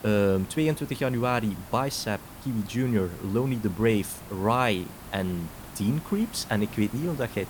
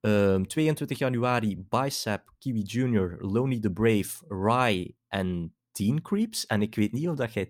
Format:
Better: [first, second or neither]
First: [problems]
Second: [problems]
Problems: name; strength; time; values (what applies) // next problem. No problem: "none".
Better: second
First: hiss; noticeable; throughout; 15 dB below the speech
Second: none